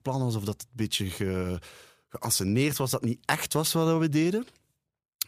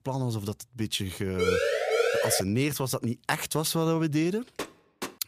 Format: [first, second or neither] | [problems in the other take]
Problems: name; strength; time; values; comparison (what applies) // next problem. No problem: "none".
first | siren; loud; from 1.5 to 2.5 s; peak 4 dB above the speech // door banging; faint; at 4.5 s; peak 10 dB below the speech